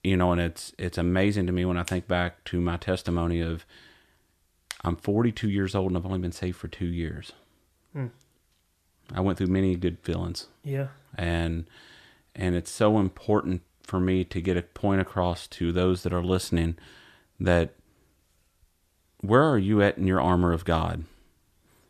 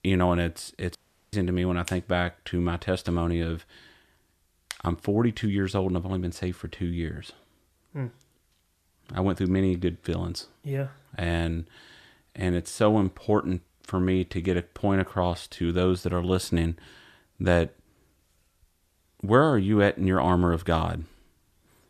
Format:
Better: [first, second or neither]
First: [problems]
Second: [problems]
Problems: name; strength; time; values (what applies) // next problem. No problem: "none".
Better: first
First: none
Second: audio cutting out; at 1 s